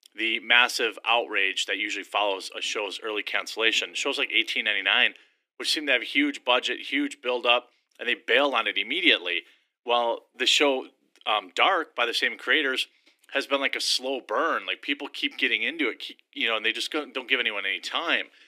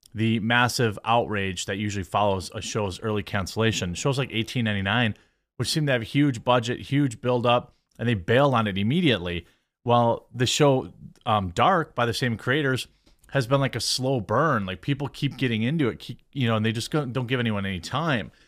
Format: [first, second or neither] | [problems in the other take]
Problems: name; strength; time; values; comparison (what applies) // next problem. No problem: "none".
second | thin; somewhat; fading below 300 Hz